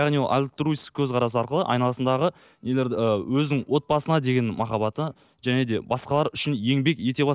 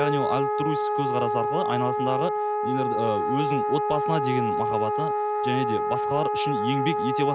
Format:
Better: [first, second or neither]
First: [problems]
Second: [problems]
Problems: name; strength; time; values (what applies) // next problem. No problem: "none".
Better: first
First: none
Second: background sound (Wind instrument, woodwind instrument); 3 dB above the speech